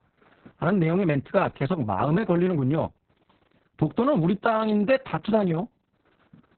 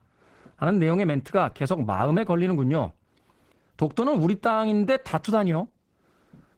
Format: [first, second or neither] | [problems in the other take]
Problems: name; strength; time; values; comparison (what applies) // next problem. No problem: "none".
second | garbled, watery; badly; nothing above 4 kHz; slightly in the second